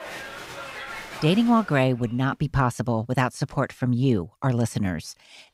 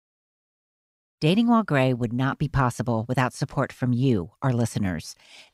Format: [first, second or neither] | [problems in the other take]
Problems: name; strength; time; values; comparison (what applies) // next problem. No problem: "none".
second | crowd noise; noticeable; until 1.5 s; 15 dB below the speech